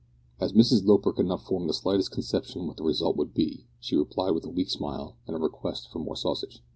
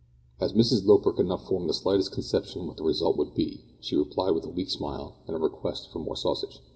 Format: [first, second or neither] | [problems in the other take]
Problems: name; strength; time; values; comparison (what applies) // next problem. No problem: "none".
first | room echo; dies away in 1 s